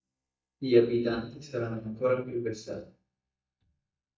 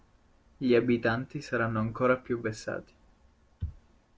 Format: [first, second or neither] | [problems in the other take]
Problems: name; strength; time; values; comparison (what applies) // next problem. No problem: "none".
second | noise reduction (neural mask model DeepFilterNet 3)